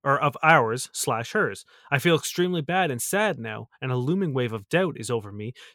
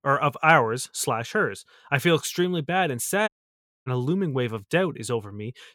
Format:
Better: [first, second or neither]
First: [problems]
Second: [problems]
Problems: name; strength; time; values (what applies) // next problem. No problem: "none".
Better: first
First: none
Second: audio cutting out; at 3.5 s for 0.5 s